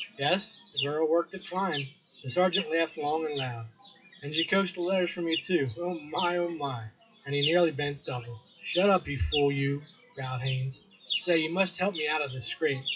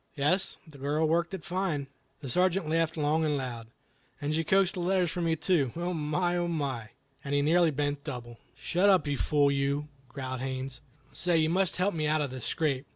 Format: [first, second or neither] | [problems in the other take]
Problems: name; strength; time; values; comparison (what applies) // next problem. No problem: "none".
second | noise reduction (classical method WPE with log-MMSE)